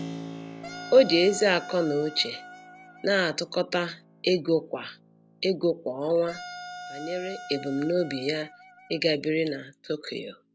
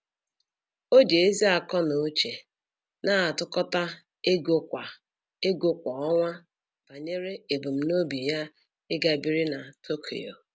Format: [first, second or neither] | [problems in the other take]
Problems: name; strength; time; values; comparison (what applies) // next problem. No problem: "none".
second | background sound (Wind instrument, woodwind instrument + Keyboard (musical)); 16 dB below the speech